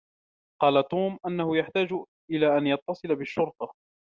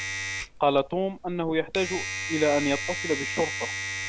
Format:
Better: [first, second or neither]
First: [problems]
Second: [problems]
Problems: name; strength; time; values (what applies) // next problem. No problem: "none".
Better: first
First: none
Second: background sound (Domestic sounds, home sounds); 6 dB below the speech